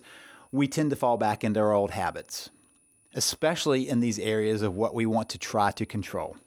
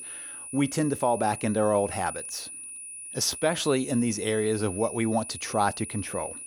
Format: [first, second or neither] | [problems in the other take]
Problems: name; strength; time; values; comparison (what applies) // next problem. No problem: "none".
first | high-pitched whine; loud; throughout; 9.5 kHz, 9 dB below the speech; faint in the first